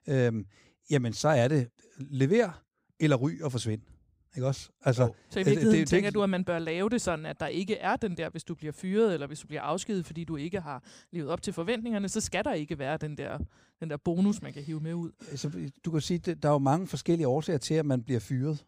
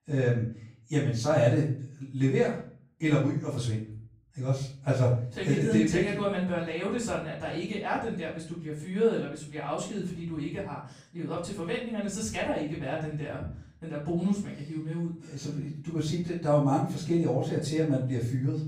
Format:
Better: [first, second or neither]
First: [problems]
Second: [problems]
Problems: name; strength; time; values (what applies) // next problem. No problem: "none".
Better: first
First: none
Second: room echo; noticeable; dies away in 0.4 s // off-mic speech; far